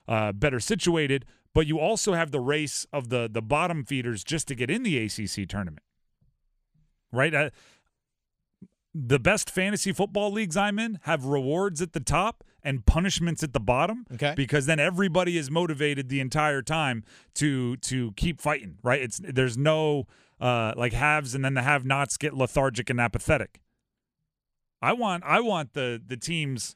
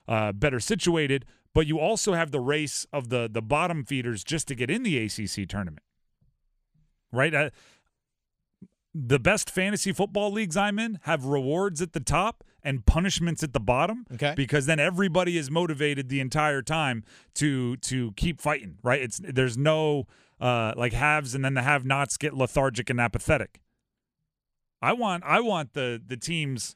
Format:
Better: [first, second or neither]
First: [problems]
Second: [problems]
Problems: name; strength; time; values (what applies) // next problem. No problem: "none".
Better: neither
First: none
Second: none